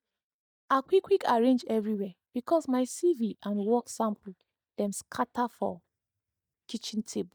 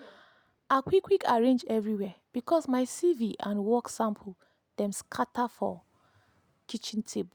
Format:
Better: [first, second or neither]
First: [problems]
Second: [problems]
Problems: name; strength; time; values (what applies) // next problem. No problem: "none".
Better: second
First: noise reduction (neural mask model DeepFilterNet 3)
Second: none